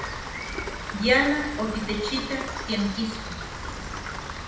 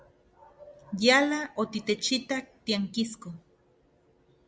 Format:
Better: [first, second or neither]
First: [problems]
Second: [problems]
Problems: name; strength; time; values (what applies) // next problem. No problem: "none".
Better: second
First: background sound (Rain); 5 dB below the speech // room echo; dies away in 0.8 s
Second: none